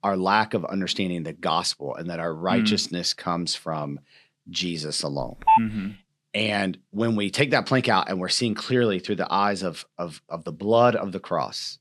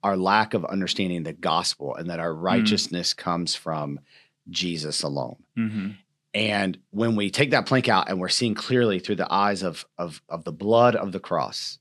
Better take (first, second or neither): second